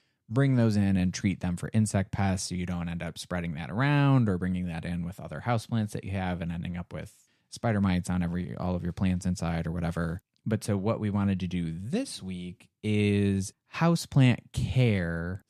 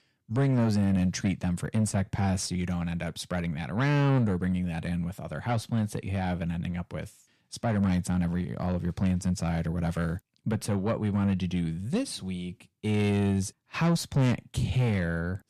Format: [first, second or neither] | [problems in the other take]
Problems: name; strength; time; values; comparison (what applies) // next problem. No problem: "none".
first | distortion; slight; 10 dB below the speech